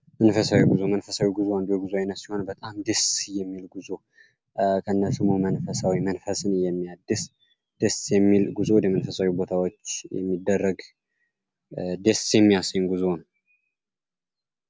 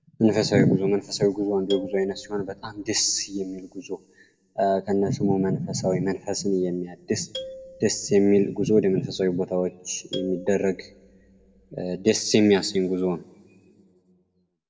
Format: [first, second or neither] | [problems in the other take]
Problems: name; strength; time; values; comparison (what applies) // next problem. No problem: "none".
first | background sound (Marimba, xylophone); 18 dB below the speech // room echo; dies away in 0.7 s